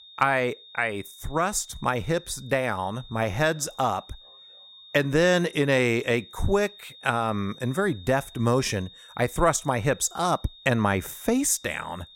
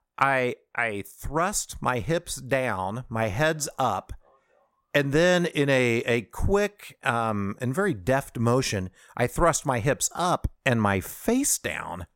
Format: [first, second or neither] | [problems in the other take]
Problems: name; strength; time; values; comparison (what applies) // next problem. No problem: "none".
second | high-pitched whine; faint; throughout; 3.5 kHz, 20 dB below the speech